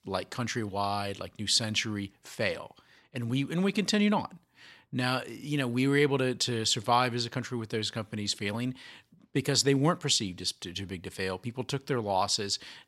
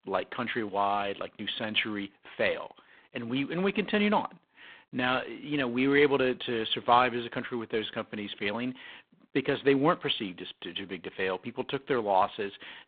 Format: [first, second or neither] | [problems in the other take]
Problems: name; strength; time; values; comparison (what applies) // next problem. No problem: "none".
first | phone-call audio; poor line; nothing above 3.5 kHz